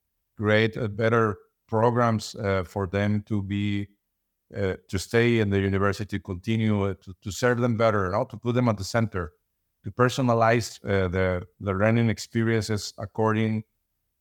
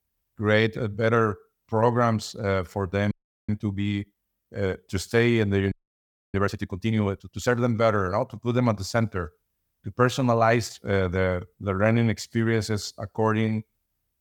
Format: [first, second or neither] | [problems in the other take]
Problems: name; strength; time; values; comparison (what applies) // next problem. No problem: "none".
first | audio freezing; at 3 s and at 5.5 s for 0.5 s